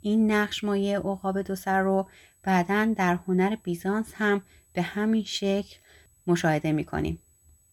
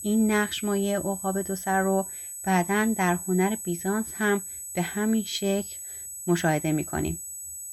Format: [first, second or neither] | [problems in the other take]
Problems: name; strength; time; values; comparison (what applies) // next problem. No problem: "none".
first | high-pitched whine; loud; throughout; 8 kHz, 8 dB below the speech; faint in the first